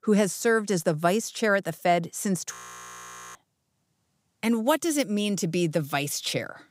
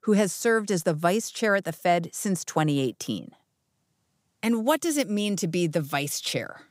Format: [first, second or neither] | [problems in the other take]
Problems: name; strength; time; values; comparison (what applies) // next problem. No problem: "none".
second | audio freezing; at 2.5 s for 1 s